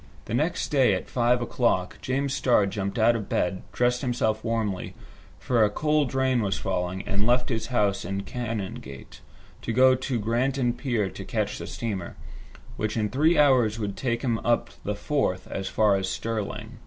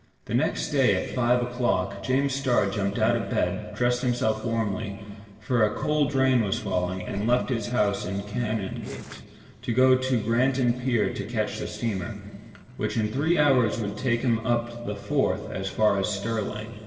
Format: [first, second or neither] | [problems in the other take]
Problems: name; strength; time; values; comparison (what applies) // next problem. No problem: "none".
first | noise reduction (neural separator model SepFormer DNS4)